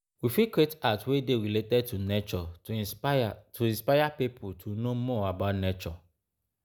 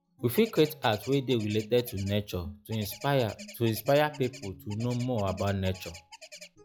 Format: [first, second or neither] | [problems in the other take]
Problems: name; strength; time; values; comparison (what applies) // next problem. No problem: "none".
first | noise reduction (classical method log-MMSE)